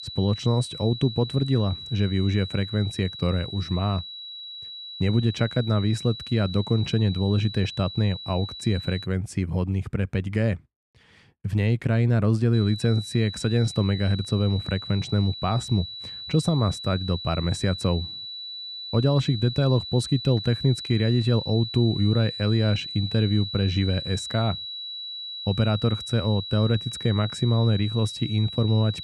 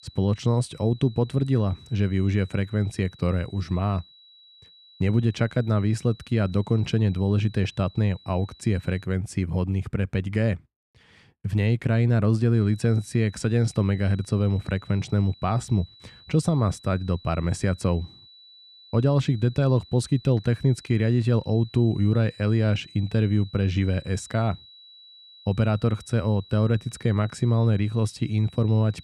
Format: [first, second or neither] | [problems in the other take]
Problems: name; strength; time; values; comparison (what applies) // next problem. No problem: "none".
second | high-pitched whine; loud; until 9 s and from 13 s on; 4 kHz, 9 dB below the speech; faint in the second